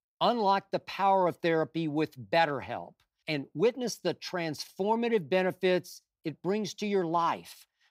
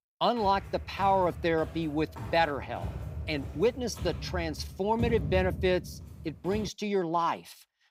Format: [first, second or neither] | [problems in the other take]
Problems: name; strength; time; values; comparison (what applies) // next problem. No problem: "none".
first | footsteps; noticeable; until 6.5 s; peak 2 dB below the speech